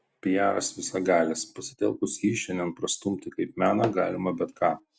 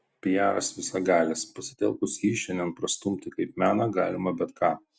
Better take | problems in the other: second | background sound (Tap / Hammer); 11 dB below the speech

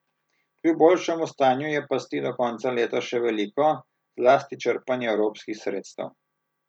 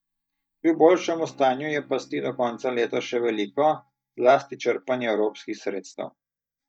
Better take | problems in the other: first | noise reduction (neural mask model DeepFilterNet 3)

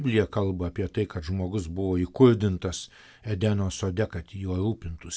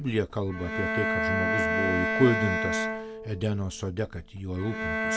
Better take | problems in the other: first | background sound (Bowed string instrument); as loud as the speech

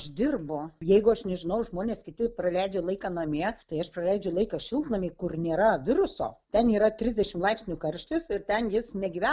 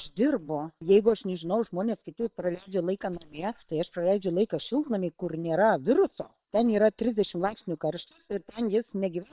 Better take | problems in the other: first | noise reduction (neural separator model SepFormer WHAM!)

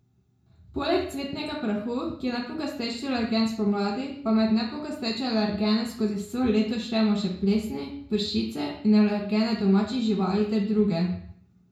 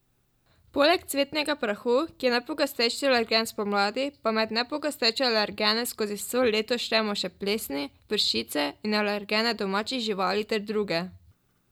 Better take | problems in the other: second | room echo; dies away in 0.6 s

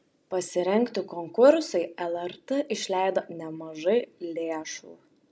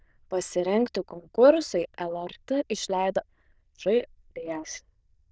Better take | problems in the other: first | noise reduction (neural diffusion model UNIVERSE++)

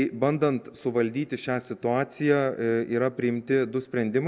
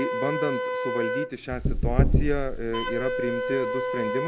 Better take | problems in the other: first | background sound (Knock / Wood + Wind instrument, woodwind instrument); 5 dB above the speech

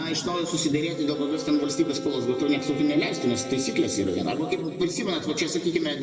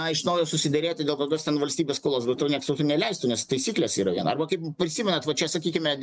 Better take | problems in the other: second | background sound (Wind instrument, woodwind instrument); 13 dB below the speech // room echo; dies away in 1.9 s

